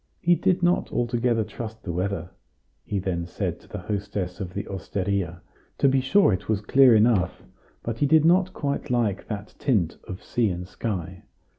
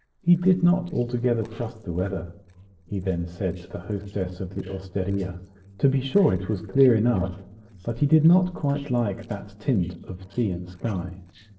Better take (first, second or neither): first